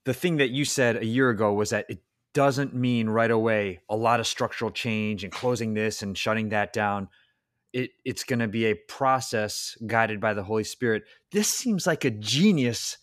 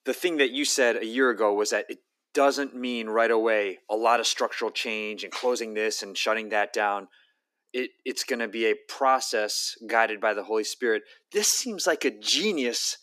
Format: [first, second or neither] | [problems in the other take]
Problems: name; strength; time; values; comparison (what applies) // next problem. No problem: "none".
first | thin; somewhat; fading below 300 Hz